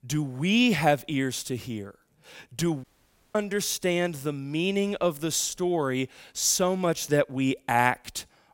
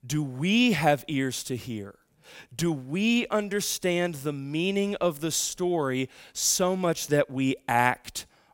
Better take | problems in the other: second | audio cutting out; at 3 s for 0.5 s

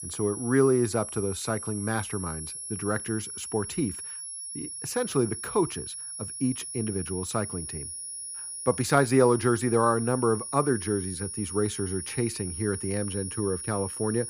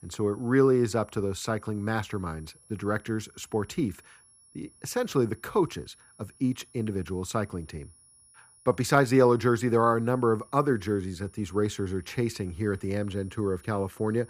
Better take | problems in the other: second | high-pitched whine; loud; throughout; 10.5 kHz, 7 dB below the speech; faint in the second

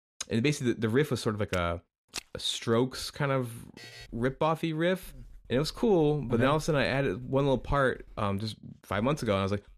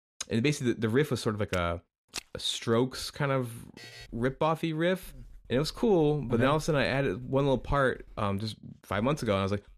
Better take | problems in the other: neither | footsteps; faint; at 1.5 s; peak 10 dB below the speech; the same in both // alarm; faint; at 4 s; peak 15 dB below the speech; the same in both

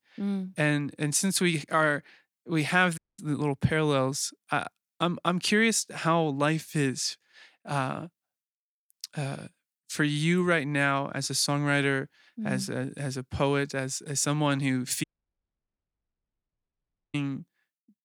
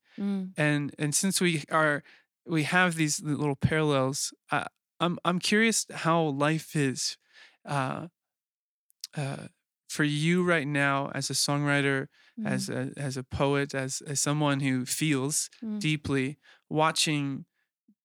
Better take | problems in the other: second | audio cutting out; at 3 s and at 15 s for 2 s

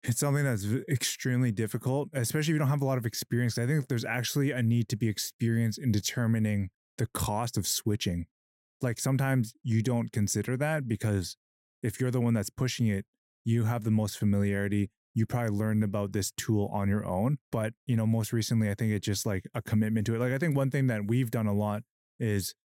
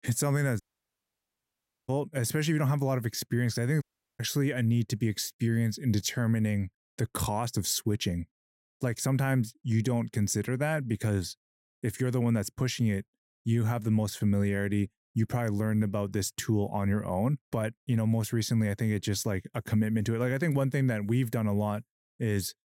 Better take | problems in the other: first | audio cutting out; at 0.5 s for 1.5 s and at 4 s

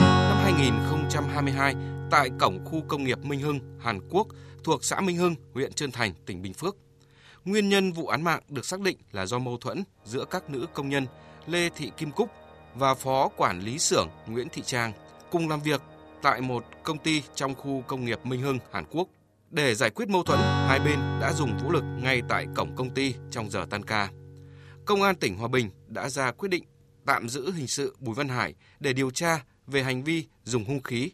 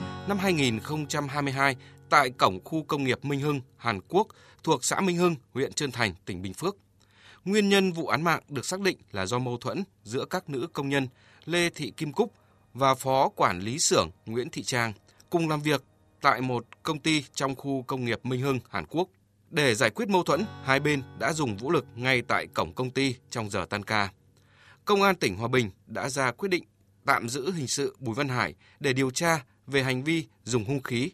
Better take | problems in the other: second | background music; loud; throughout; 2 dB below the speech; faint in the second

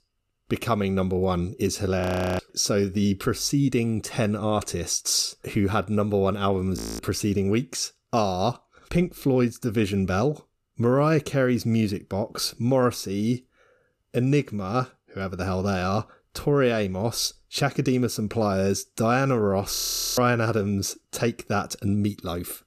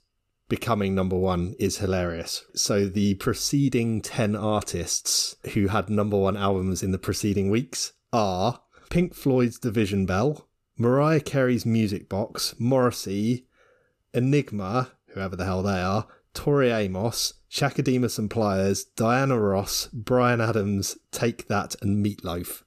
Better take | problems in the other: second | audio freezing; at 2 s, at 7 s and at 20 s

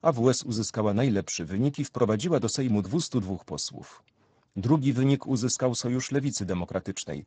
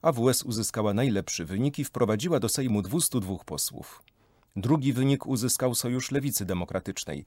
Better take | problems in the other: second | garbled, watery; badly; nothing above 7.5 kHz

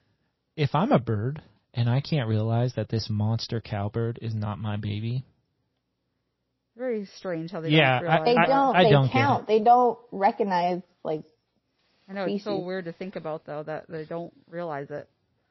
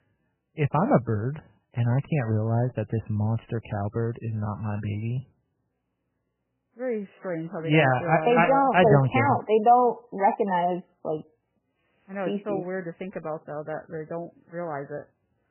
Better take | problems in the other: first | garbled, watery; badly; nothing above 3 kHz; slightly in the first

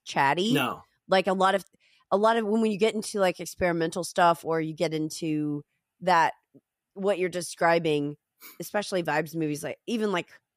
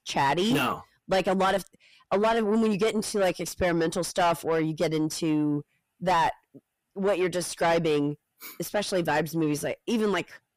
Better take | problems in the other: first | distortion; heavy; 8 dB below the speech

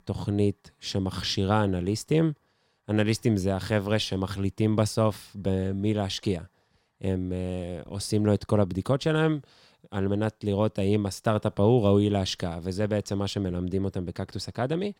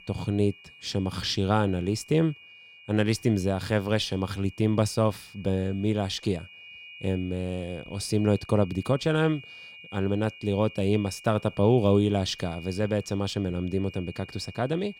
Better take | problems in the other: first | high-pitched whine; noticeable; throughout; 2.5 kHz, 20 dB below the speech

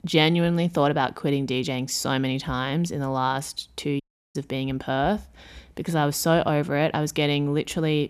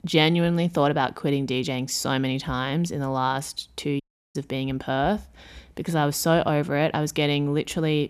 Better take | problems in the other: neither | audio cutting out; at 4 s; the same in both

